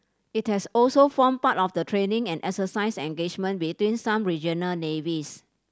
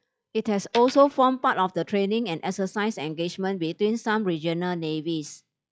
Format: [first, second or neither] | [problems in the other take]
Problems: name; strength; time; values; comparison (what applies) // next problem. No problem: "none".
first | noise reduction (classical method log-MMSE)